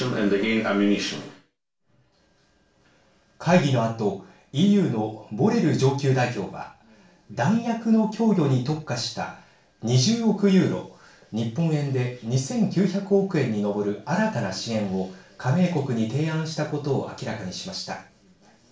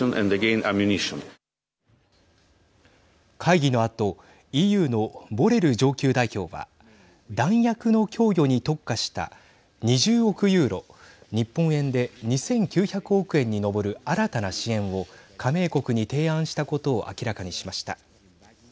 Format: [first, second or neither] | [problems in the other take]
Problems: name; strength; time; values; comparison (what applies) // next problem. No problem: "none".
second | room echo; dies away in 0.3 s